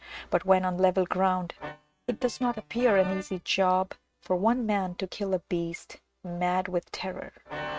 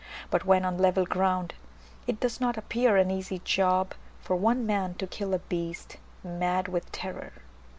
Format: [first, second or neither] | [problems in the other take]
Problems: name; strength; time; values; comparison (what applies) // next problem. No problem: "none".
second | noise reduction (neural mask model RNNoise)